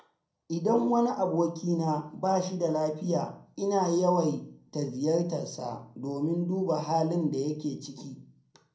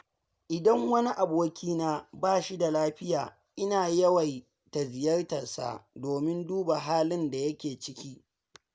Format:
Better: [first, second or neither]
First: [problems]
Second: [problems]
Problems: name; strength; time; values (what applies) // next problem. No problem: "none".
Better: second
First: room echo; dies away in 0.6 s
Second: none